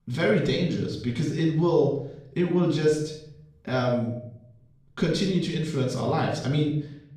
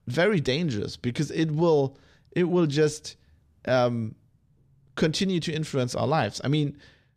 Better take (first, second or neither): second